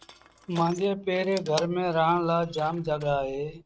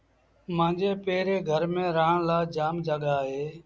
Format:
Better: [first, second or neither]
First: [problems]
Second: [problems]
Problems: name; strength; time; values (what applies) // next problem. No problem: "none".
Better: second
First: noise reduction (neural mask model RNNoise)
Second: none